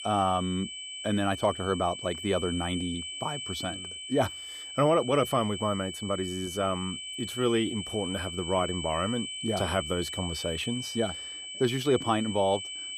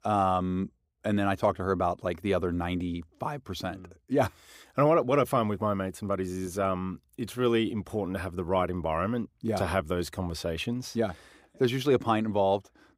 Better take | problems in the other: second | high-pitched whine; loud; throughout; 3 kHz, 6 dB below the speech

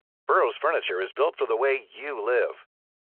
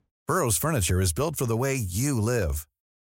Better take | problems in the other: second | phone-call audio

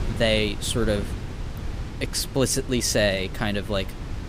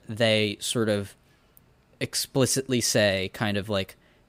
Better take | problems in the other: second | wind noise on the microphone; occasional gusts; 15 dB below the speech

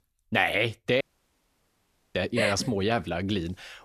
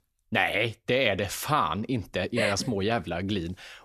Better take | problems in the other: second | audio cutting out; at 1 s for 1 s

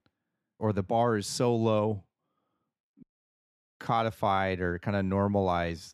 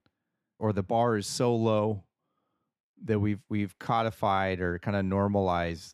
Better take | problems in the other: second | audio cutting out; at 3 s for 1 s

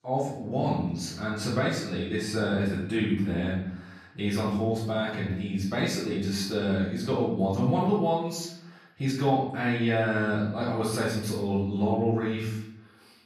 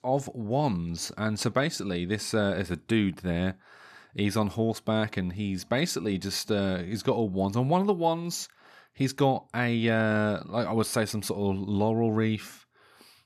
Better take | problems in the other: second | off-mic speech; far // room echo; noticeable; dies away in 0.7 s

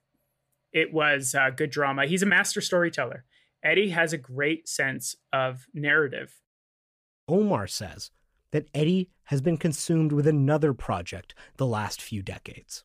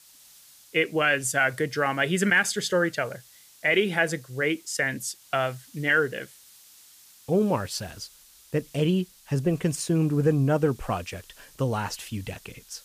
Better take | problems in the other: first | hiss; faint; throughout; 25 dB below the speech

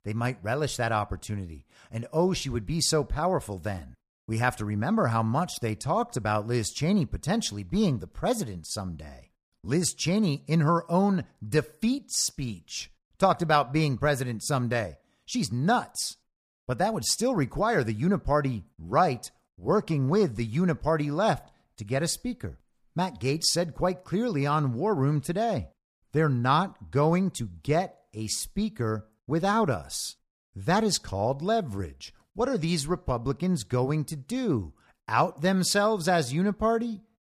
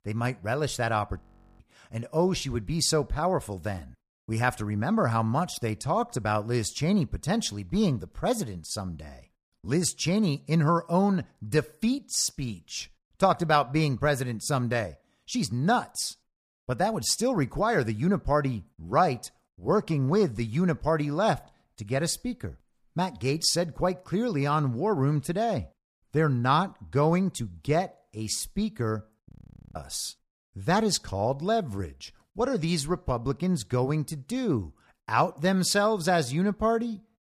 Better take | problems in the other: first | audio freezing; at 1 s and at 29 s

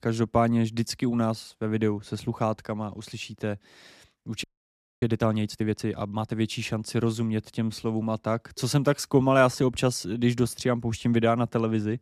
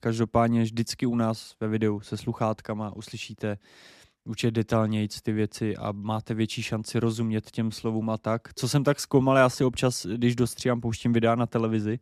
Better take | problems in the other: second | audio freezing; at 4.5 s for 0.5 s

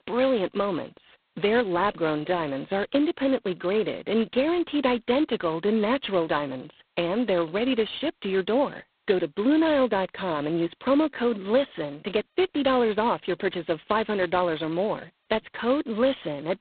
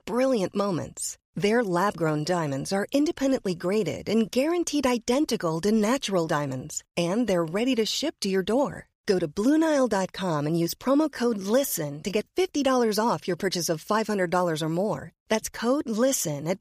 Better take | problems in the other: second | phone-call audio; poor line; nothing above 4 kHz

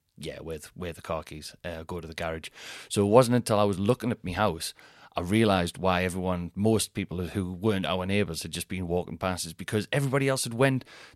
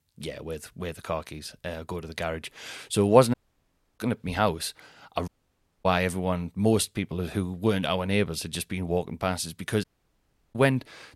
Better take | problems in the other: first | audio cutting out; at 3.5 s for 0.5 s, at 5.5 s for 0.5 s and at 10 s for 0.5 s

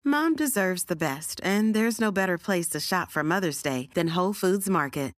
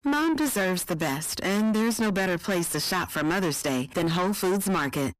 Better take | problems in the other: first | distortion; heavy; 7 dB below the speech

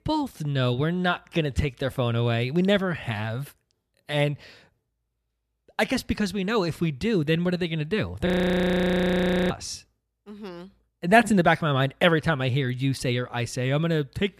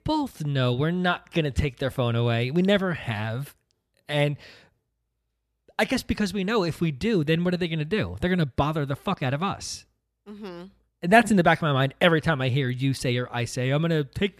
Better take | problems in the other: second | audio freezing; at 8.5 s for 1 s

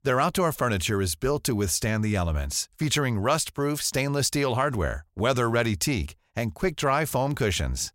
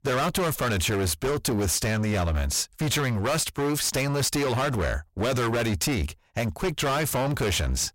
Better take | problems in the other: first | distortion; heavy; 30% of the sound clipped

